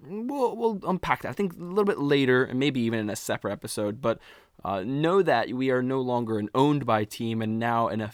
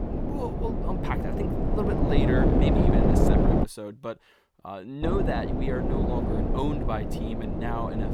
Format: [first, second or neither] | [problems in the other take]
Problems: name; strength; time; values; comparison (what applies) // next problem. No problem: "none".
first | wind noise on the microphone; heavy; until 3.5 s and from 5 s on; 4 dB above the speech